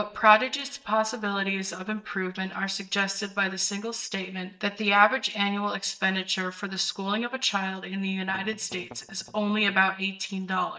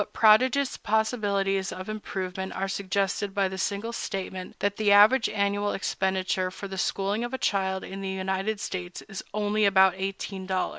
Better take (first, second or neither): second